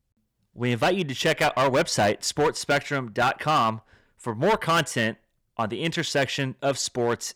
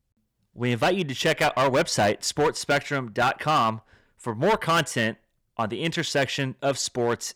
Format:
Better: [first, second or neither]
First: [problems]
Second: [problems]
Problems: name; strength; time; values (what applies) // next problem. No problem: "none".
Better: neither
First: distortion; heavy; 7% of the sound clipped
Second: distortion; heavy; 7% of the sound clipped